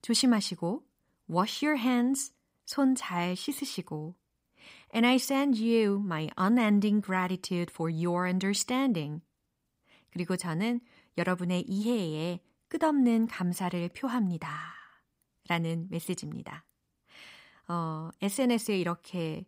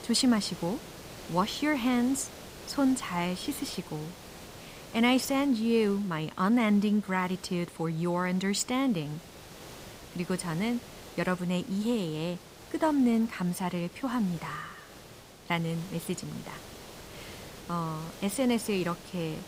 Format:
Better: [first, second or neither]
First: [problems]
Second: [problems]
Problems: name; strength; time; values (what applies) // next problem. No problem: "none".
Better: first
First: none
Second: hiss; noticeable; throughout; 15 dB below the speech